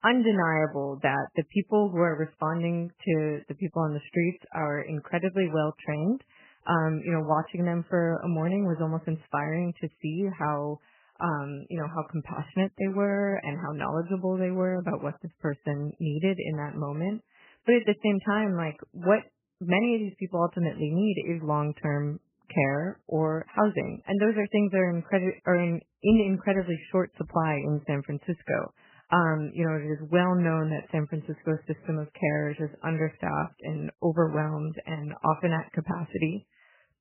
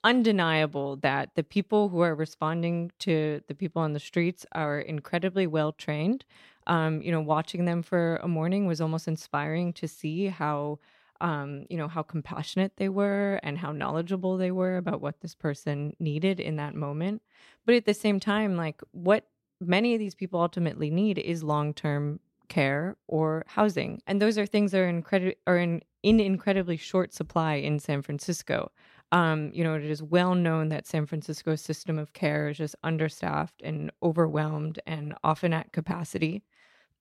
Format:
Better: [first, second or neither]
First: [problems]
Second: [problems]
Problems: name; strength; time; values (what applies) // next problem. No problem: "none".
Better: second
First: garbled, watery; badly; nothing above 3 kHz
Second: none